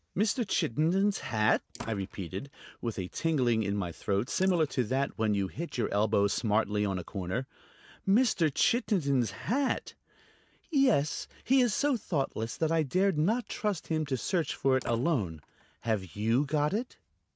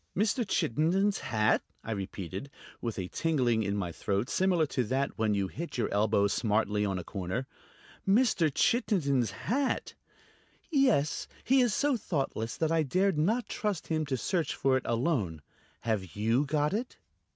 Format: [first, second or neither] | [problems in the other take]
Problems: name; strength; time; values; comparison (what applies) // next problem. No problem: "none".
second | noise reduction (neural mask model Resemble Enhance denoiser)